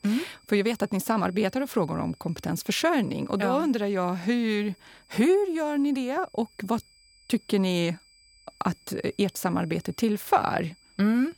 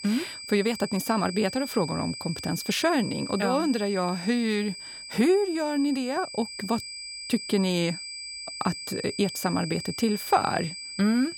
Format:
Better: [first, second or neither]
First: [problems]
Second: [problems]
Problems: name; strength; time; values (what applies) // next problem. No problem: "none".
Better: first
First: high-pitched whine; faint; throughout; 5 kHz, 30 dB below the speech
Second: high-pitched whine; loud; throughout; 5 kHz, 9 dB below the speech